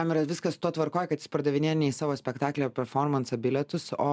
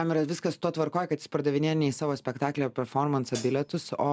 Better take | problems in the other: first | background sound (Hi-hat); 14 dB below the speech

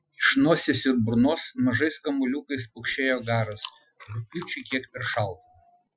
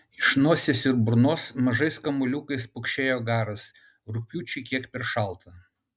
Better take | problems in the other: second | noise reduction (classical method Wiener filter)

